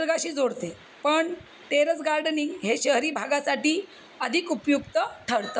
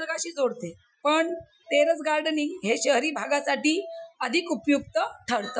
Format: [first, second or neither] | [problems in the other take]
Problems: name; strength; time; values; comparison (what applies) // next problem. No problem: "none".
first | noise reduction (classical method Wiener filter)